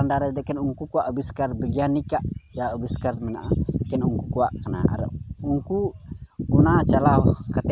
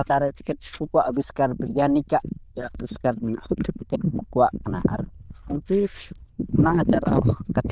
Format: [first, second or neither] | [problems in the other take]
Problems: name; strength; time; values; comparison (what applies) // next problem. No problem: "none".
first | noise reduction (neural diffusion model UNIVERSE++)